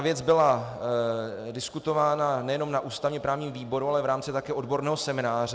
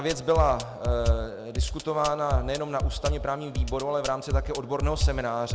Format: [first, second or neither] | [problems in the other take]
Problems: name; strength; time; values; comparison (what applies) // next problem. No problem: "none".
first | background sound (Drum kit); 1 dB below the speech